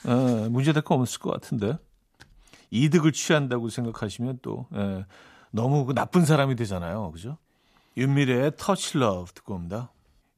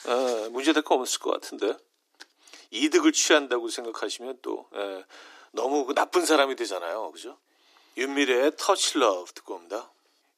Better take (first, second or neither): first